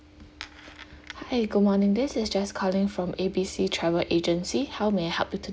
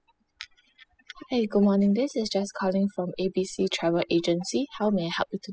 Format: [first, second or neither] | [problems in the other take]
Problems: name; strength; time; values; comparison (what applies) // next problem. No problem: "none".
first | noise reduction (classical method spectral subtraction)